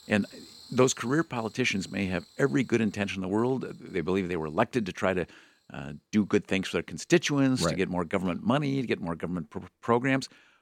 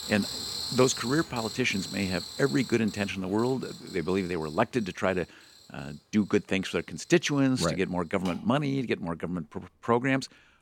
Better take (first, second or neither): first